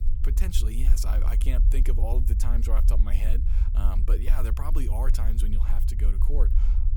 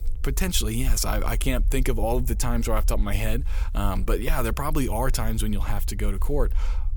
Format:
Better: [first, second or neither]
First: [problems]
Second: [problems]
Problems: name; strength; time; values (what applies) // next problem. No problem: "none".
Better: second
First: low rumble; loud; throughout; 7 dB below the speech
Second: low rumble; faint; throughout; 25 dB below the speech